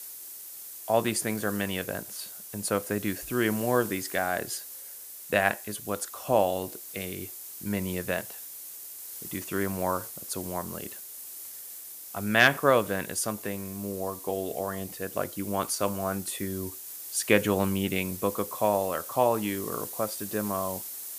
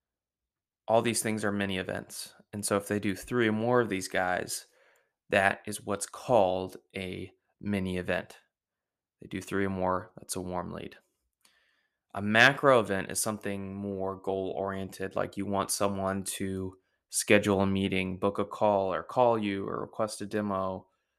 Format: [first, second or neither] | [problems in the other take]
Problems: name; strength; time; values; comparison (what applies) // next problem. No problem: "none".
second | hiss; loud; throughout; 9 dB below the speech